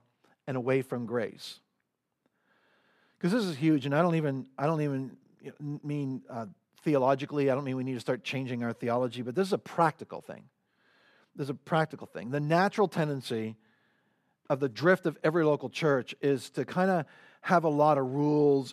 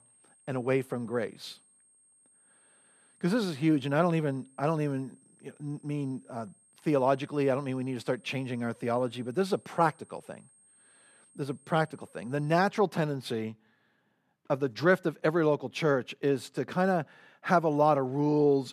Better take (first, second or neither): first